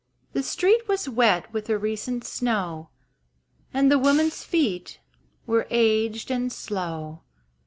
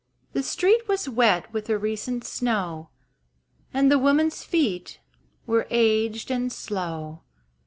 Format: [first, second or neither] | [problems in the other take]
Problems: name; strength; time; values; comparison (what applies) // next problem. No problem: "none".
second | background sound (Hi-hat); 19 dB below the speech